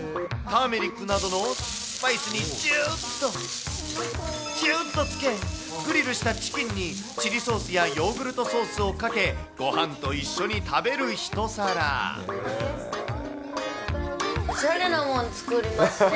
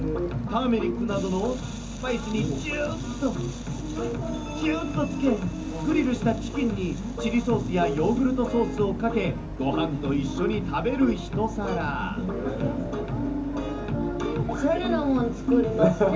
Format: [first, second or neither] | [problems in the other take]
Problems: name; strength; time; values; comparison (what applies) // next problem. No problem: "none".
first | background sound (Boat, Water vehicle); 11 dB below the speech // room echo; dies away in 0.3 s